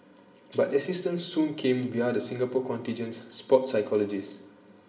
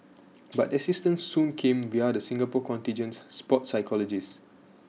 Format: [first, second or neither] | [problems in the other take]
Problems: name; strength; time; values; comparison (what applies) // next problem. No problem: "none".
second | room echo; dies away in 1.6 s